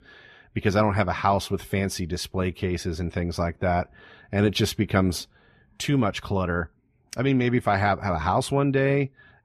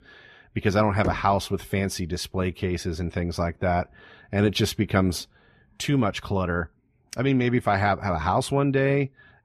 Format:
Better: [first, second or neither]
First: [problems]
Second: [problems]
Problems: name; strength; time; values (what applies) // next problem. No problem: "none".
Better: first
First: none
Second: door banging; noticeable; at 1 s; peak 8 dB below the speech